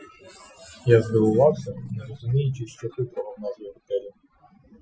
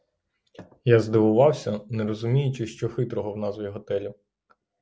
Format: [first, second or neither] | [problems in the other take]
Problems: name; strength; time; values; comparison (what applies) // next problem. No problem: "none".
second | noise reduction (classical method Wiener filter)